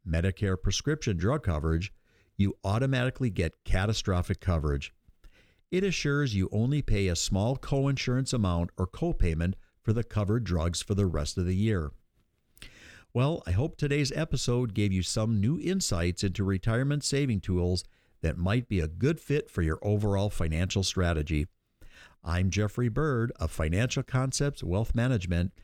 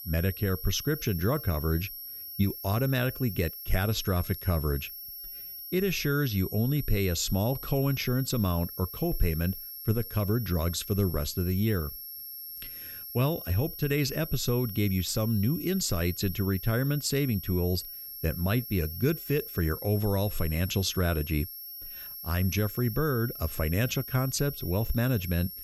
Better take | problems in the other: first | high-pitched whine; loud; throughout; 11.5 kHz, 9 dB below the speech

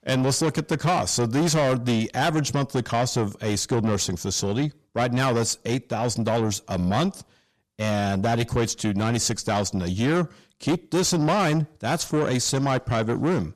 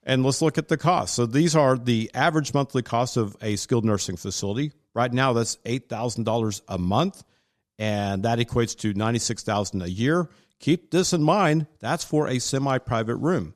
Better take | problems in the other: second | distortion; heavy; 8 dB below the speech

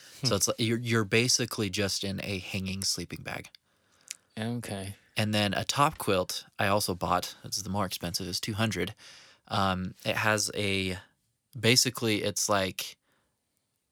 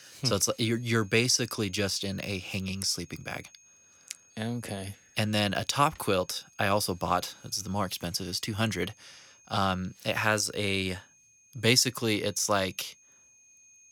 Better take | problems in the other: first | high-pitched whine; faint; throughout; 6.5 kHz, 30 dB below the speech

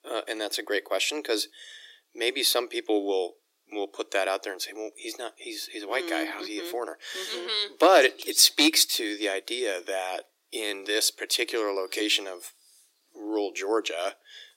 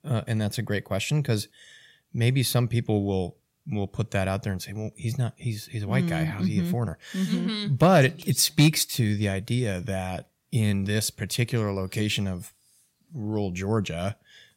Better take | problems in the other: second | thin; very; fading below 300 Hz

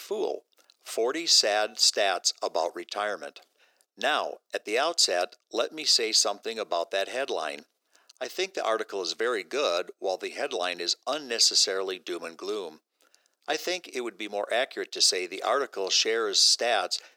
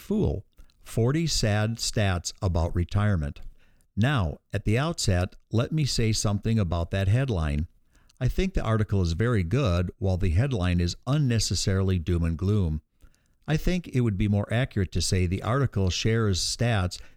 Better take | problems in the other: second | thin; very; fading below 350 Hz

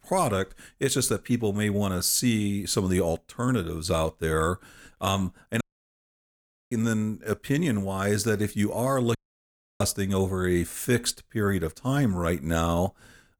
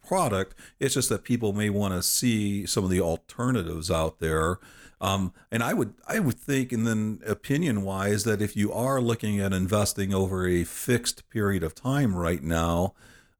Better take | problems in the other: second | audio cutting out; at 5.5 s for 1 s and at 9 s for 0.5 s

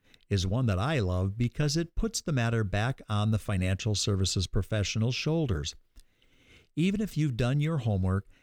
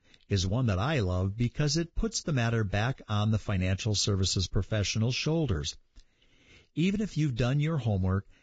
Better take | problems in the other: first | garbled, watery; badly; nothing above 7.5 kHz

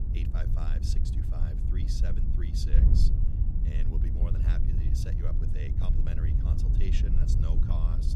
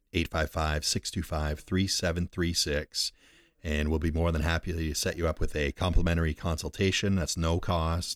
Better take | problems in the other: second | wind noise on the microphone; heavy; 1 dB above the speech

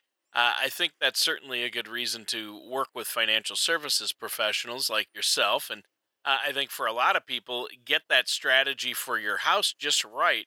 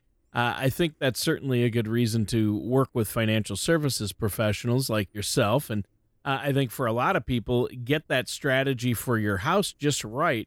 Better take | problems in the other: second | thin; very; fading below 800 Hz

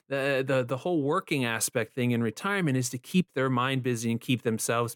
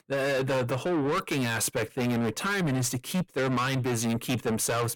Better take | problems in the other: first | distortion; heavy; 6 dB below the speech

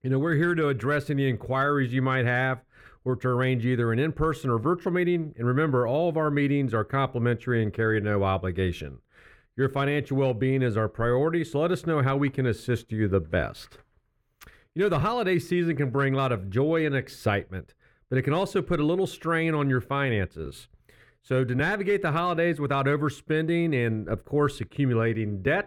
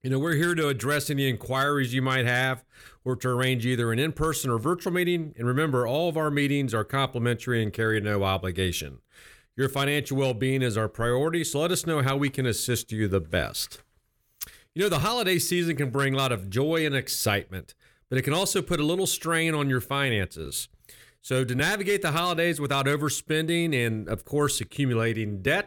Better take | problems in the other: second | muffled; very; fading above 3.5 kHz

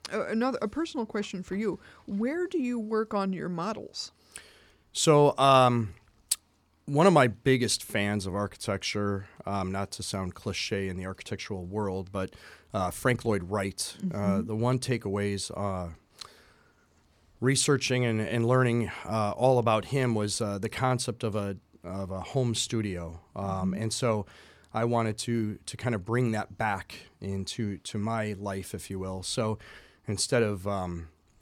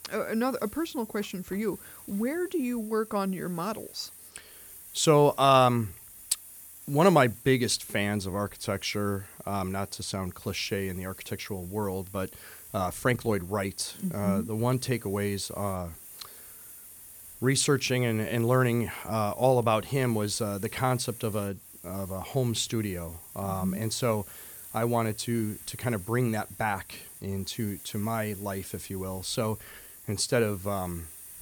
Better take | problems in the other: first | hiss; noticeable; throughout; 15 dB below the speech

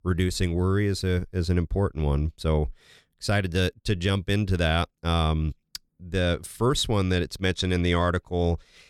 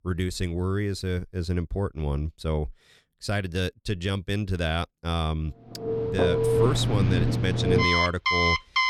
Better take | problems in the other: first | alarms or sirens; very loud; from 6.5 s on; 5 dB above the speech

